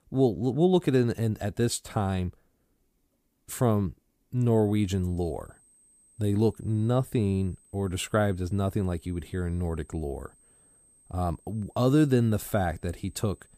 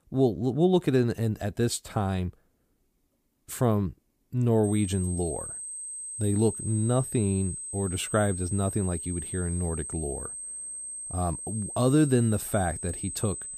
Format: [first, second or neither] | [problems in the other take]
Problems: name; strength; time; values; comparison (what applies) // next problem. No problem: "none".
first | high-pitched whine; loud; from 4.5 s on; 8 kHz, 7 dB below the speech; faint in the first